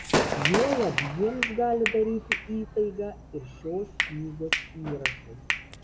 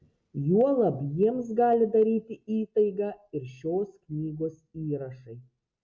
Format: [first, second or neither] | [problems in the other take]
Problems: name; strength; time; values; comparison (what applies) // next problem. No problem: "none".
second | background sound (Hands + Gunshot, gunfire / Fireworks); 1 dB below the speech